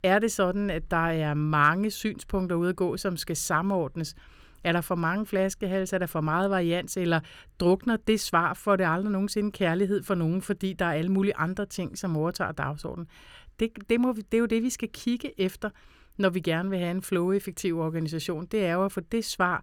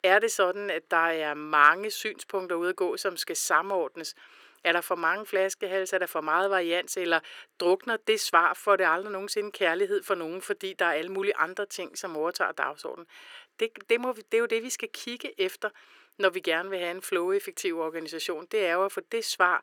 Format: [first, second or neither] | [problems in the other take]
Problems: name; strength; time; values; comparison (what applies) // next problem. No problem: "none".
first | thin; very; fading below 400 Hz